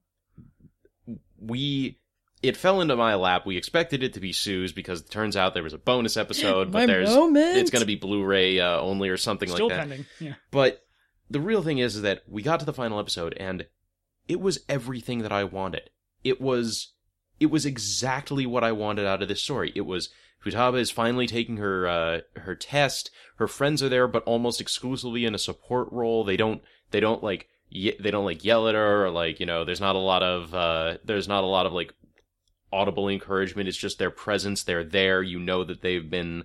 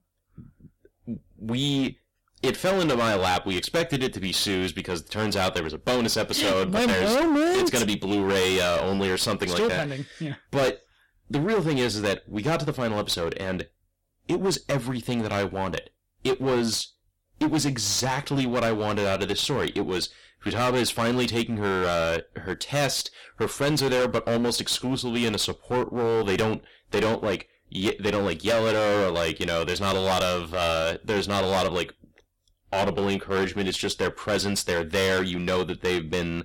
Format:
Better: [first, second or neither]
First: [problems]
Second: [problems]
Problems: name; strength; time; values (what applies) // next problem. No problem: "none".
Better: first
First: none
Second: distortion; heavy; 16% of the sound clipped